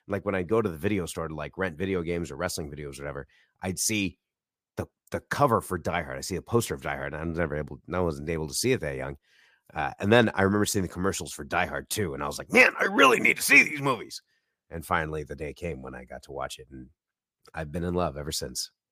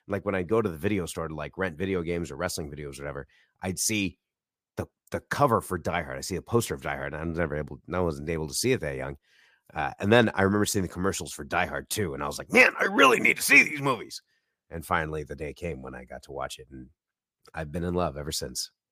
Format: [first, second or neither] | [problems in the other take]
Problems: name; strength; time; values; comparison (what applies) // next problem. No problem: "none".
neither | none